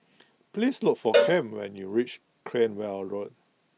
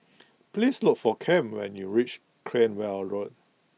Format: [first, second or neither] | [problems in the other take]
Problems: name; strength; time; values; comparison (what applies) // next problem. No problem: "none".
second | background sound (Cowbell); as loud as the speech